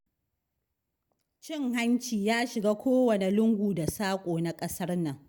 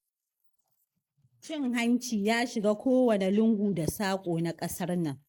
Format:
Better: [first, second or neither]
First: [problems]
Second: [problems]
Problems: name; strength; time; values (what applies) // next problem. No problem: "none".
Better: first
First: none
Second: noise reduction (neural mask model Resemble Enhance denoiser)